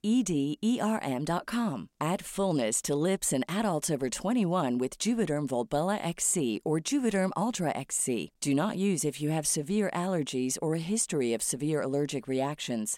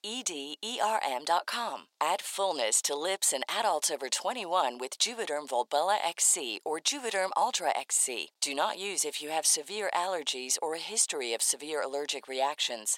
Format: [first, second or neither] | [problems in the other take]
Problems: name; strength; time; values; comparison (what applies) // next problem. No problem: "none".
first | thin; very; fading below 550 Hz